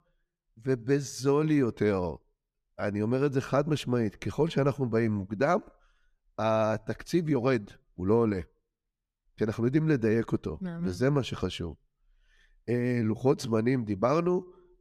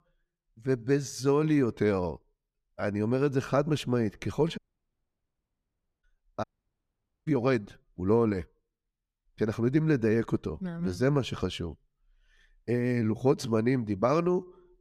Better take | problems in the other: first | audio cutting out; at 4.5 s for 1.5 s and at 6.5 s for 1 s

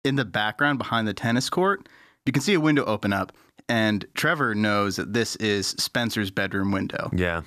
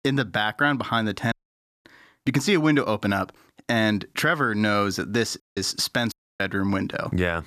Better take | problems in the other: first | audio cutting out; at 1.5 s for 0.5 s, at 5.5 s and at 6 s

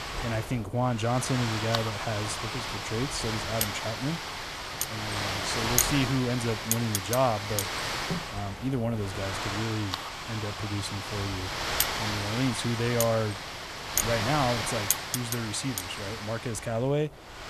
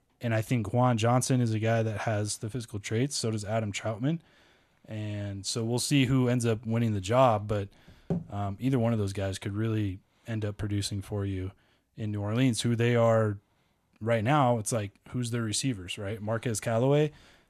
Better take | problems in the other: second | wind noise on the microphone; heavy; 2 dB above the speech

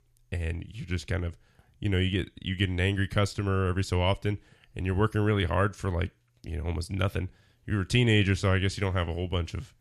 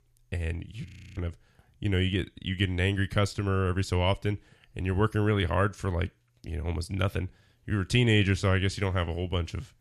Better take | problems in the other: first | audio freezing; at 1 s

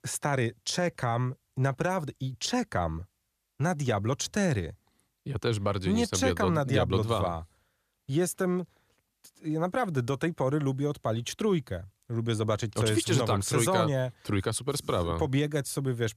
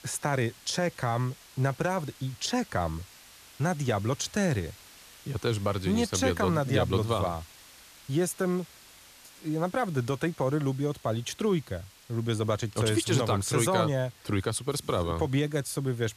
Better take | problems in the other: first | hiss; faint; throughout; 20 dB below the speech

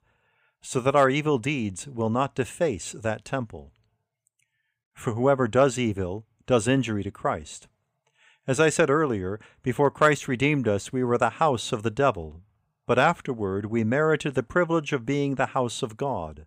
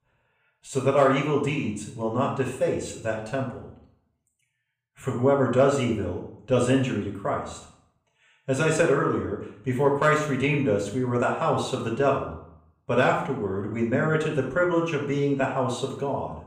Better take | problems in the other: first | off-mic speech; far // room echo; noticeable; dies away in 0.5 s

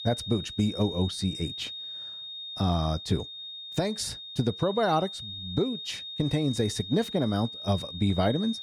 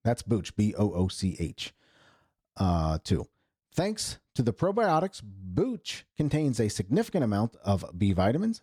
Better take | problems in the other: second | high-pitched whine; loud; throughout; 3.5 kHz, 8 dB below the speech

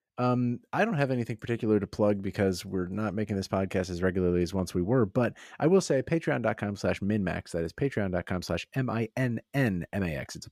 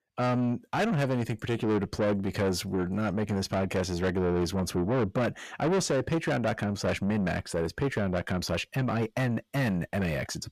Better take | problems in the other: first | distortion; heavy; 7 dB below the speech

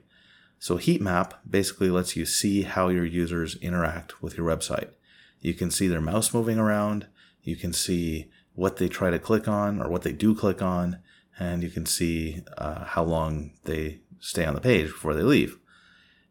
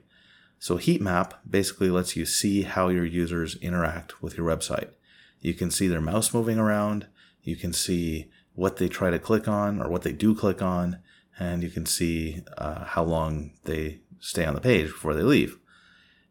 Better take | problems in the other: neither | none

